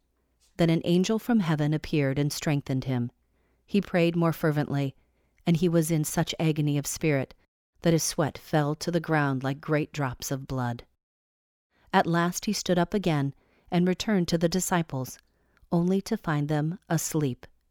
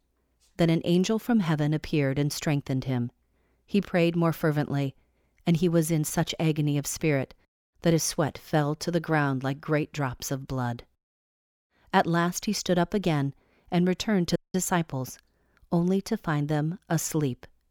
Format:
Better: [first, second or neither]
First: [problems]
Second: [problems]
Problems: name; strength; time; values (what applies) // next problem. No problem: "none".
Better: first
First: none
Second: audio cutting out; at 14 s